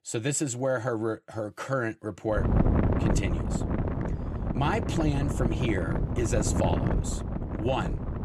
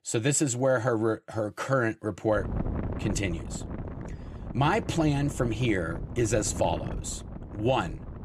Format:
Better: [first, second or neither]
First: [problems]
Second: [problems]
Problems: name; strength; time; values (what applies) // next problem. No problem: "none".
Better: second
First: wind noise on the microphone; heavy; from 2.5 s on; 4 dB below the speech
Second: wind noise on the microphone; occasional gusts; from 2.5 s on; 15 dB below the speech